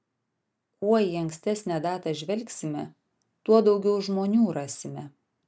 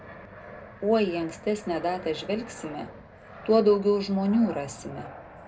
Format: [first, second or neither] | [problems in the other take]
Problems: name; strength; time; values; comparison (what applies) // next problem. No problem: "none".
first | background sound (Fixed-wing aircraft, airplane); 16 dB below the speech // room echo; dies away in 0.2 s